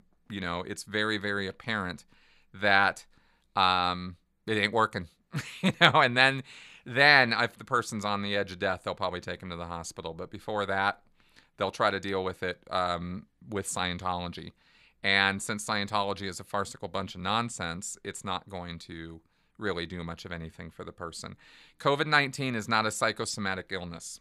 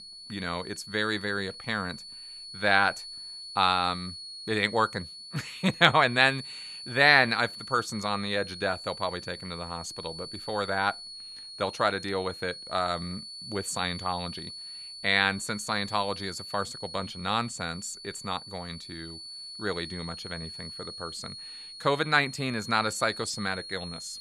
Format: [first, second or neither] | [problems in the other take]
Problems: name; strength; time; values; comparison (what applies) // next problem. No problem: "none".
first | high-pitched whine; noticeable; throughout; 4.5 kHz, 10 dB below the speech